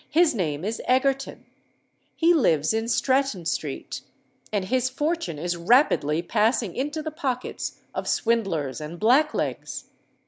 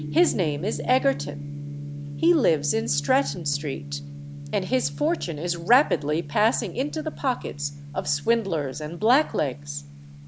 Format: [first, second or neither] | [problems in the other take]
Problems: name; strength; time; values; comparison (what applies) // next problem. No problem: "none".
first | background sound (Gong); 10 dB below the speech